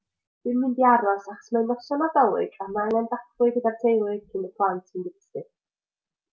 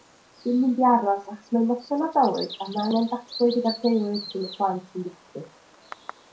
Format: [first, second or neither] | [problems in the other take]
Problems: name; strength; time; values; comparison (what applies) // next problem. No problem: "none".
first | background sound (Bird vocalization, bird call, bird song); 18 dB below the speech // room echo; dies away in 0.2 s